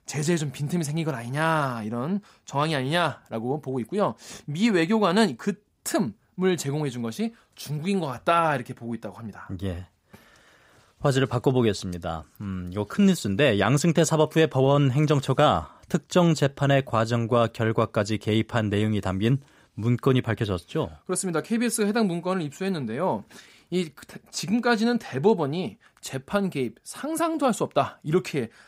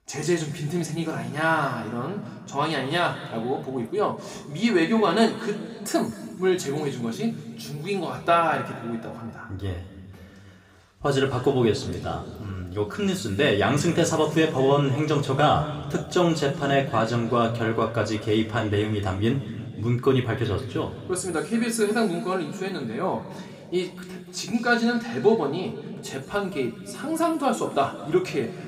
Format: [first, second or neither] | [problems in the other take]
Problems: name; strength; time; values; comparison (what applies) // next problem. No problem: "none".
first | room echo; slight; dies away in 2 s // off-mic speech; somewhat distant